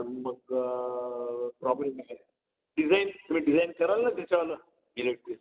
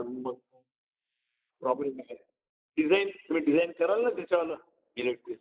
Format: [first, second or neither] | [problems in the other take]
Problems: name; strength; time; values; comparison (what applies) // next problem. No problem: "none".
first | noise reduction (neural mask model Resemble Enhance denoiser)